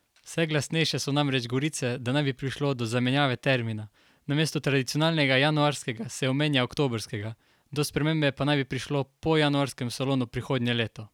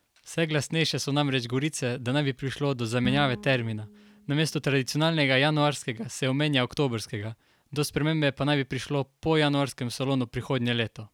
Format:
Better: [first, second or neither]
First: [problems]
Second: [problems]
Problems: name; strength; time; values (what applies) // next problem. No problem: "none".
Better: first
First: none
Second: background sound (Bowed string instrument); 15 dB below the speech